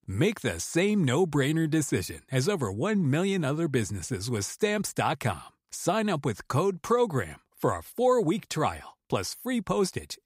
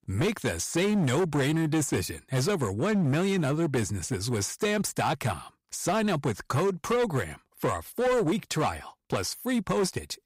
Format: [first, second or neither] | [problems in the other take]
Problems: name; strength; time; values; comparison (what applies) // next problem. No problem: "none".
first | distortion; slight; 13% of the sound clipped